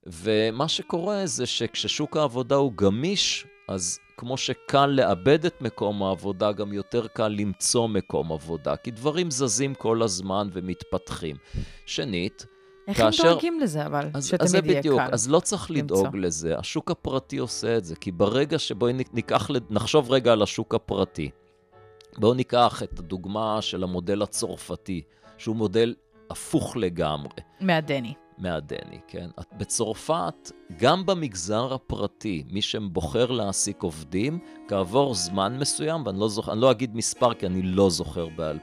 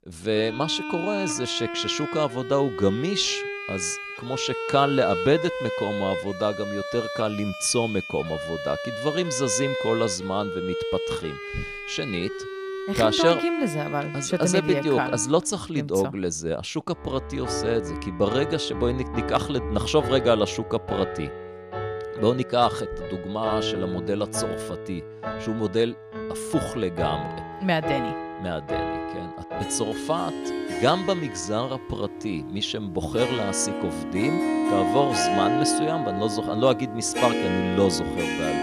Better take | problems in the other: first | background music; loud; throughout; 5 dB below the speech; faint in the first

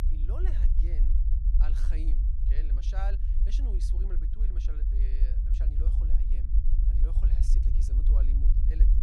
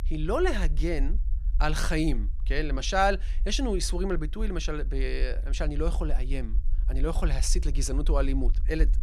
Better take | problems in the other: second | low rumble; loud; throughout; 1 dB below the speech; faint in the second

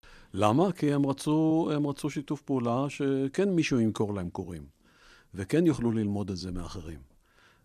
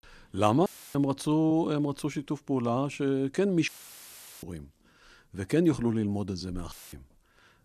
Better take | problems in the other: first | audio cutting out; filled with static; at 0.5 s, at 3.5 s for 0.5 s and at 6.5 s

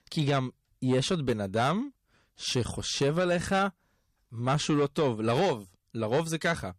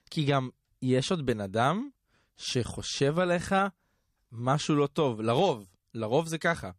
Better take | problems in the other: second | distortion; slight; 10 dB below the speech

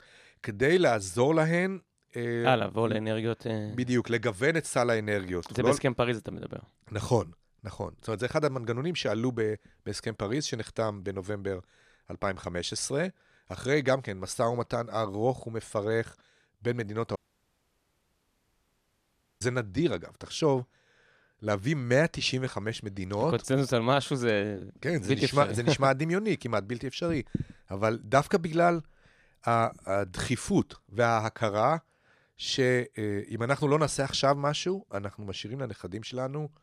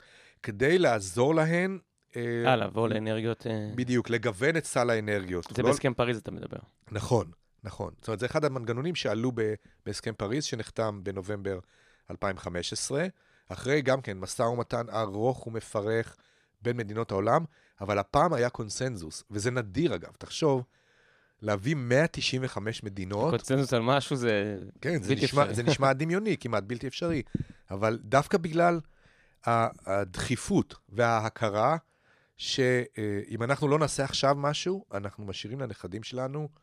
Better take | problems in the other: second | audio cutting out; at 17 s for 2.5 s

